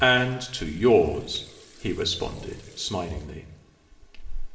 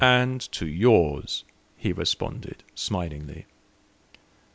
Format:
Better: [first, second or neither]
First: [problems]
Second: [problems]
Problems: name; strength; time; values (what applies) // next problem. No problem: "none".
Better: second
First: background sound (Sink (filling or washing) / Water tap, faucet); 12 dB below the speech // room echo; dies away in 0.8 s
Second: none